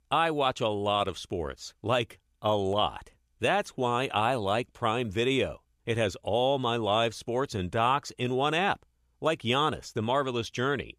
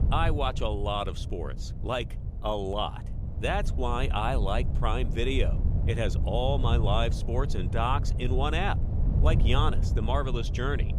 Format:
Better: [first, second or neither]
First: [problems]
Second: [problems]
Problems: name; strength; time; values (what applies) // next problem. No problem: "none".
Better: first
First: none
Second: wind noise on the microphone; occasional gusts; 15 dB below the speech